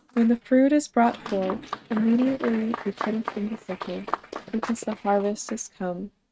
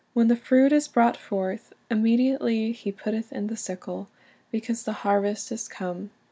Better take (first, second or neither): second